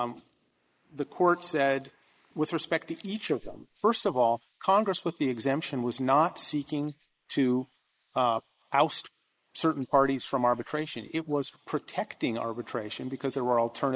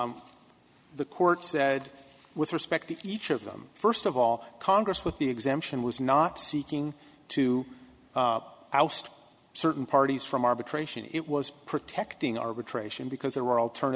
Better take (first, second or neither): second